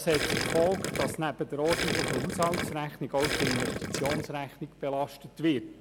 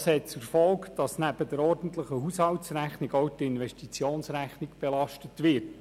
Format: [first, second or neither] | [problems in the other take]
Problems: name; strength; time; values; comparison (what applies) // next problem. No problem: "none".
second | background sound (Gurgling); 1 dB below the speech